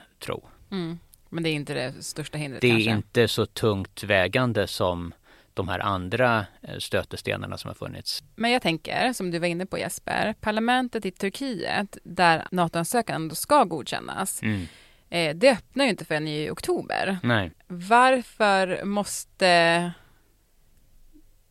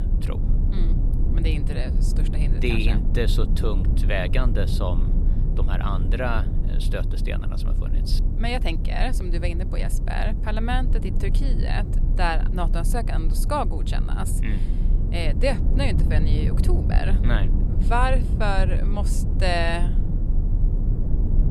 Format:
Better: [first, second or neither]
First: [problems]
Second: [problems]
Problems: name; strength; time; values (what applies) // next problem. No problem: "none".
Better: first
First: none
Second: low rumble; loud; throughout; 9 dB below the speech